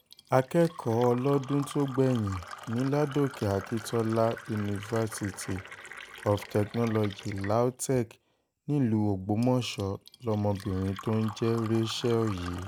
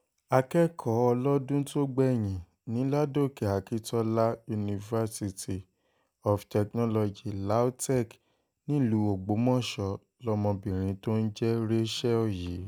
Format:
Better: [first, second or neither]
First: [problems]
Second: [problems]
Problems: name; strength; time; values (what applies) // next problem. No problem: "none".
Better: second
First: background sound (Fill (with liquid)); 17 dB below the speech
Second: none